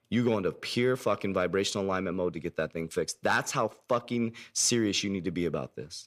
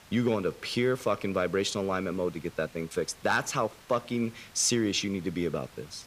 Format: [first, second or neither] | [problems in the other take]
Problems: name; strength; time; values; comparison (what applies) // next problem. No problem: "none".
first | hiss; faint; throughout; 25 dB below the speech